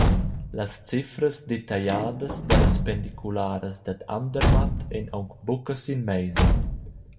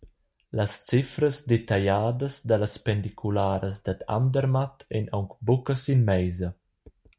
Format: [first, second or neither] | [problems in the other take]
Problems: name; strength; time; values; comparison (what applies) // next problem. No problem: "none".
second | background sound (Slam / Truck / Car); 3 dB above the speech // room echo; dies away in 1.4 s